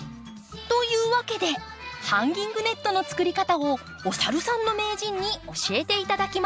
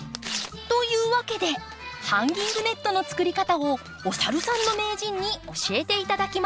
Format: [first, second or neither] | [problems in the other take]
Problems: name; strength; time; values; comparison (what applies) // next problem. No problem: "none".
first | background sound (Tearing); 13 dB below the speech